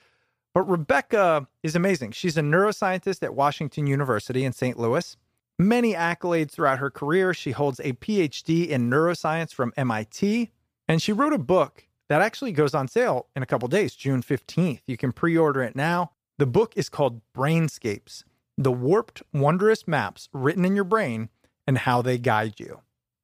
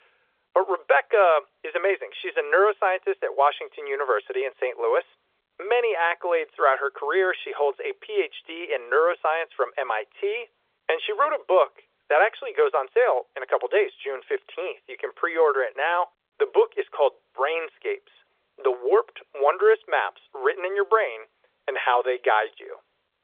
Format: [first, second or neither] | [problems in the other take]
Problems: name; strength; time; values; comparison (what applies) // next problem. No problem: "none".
first | phone-call audio; nothing above 3.5 kHz